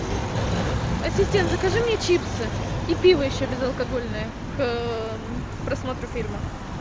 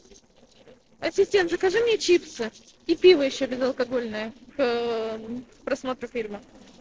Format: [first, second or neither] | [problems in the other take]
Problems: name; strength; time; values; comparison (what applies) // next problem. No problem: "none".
first | noise reduction (neural separator model SepFormer DNS4)